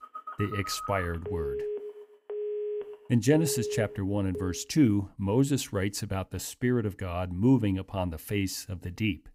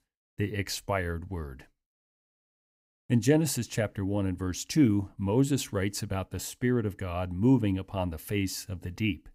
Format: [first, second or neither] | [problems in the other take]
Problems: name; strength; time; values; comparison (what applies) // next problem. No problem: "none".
second | phone ringing; noticeable; until 4.5 s; peak 4 dB below the speech